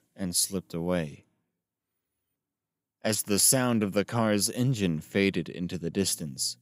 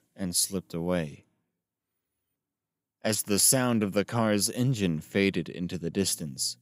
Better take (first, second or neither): neither